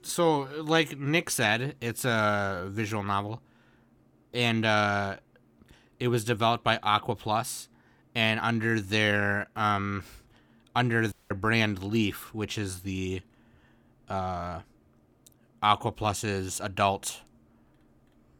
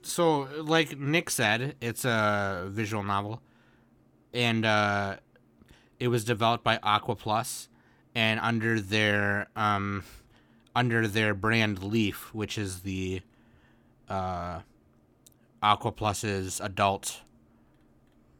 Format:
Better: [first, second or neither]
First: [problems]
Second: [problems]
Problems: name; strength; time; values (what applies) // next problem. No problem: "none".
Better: second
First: audio cutting out; at 11 s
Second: none